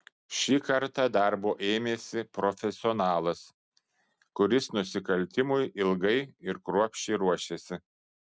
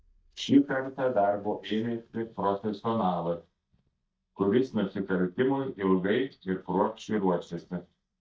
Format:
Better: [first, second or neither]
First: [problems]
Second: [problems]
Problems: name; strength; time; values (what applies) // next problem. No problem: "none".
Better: first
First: none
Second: noise reduction (neural mask model DeepFilterNet 3)